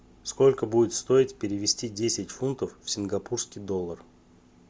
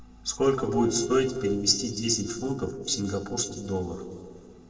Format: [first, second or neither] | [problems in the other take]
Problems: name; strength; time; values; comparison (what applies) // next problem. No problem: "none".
first | noise reduction (neural separator model SepFormer DNS4)